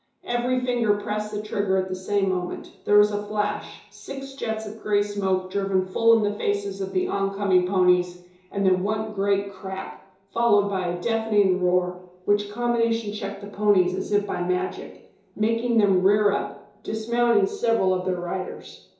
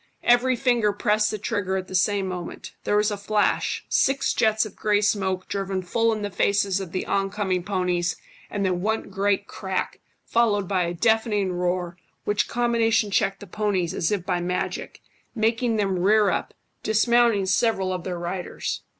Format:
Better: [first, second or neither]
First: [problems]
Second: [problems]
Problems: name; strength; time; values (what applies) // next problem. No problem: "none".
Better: second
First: room echo; dies away in 2.8 s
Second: none